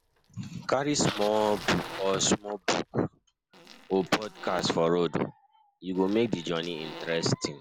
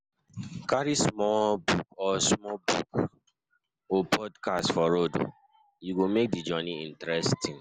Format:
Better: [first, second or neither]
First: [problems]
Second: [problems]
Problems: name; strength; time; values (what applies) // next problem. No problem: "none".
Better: second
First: background sound (Fart + Bicycle); 16 dB below the speech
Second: none